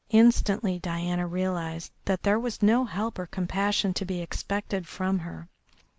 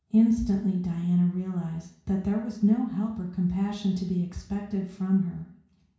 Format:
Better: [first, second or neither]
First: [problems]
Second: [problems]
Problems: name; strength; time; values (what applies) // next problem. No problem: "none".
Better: first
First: none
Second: room echo; dies away in 0.6 s